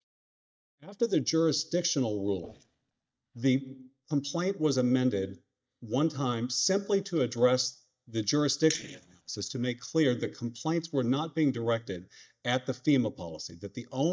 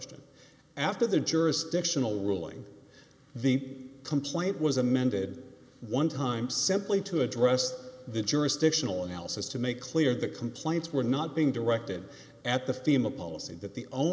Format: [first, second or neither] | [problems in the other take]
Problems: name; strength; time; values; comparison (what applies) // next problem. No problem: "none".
second | noise reduction (neural mask model DeepFilterNet 3)